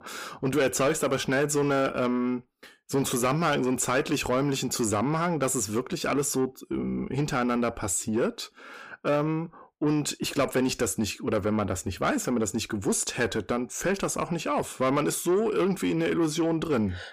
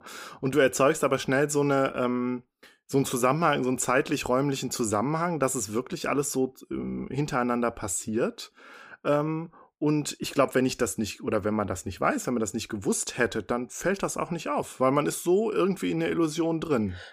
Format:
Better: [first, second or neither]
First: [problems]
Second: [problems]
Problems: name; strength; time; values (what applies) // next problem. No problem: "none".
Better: second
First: distortion; slight; 10 dB below the speech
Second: none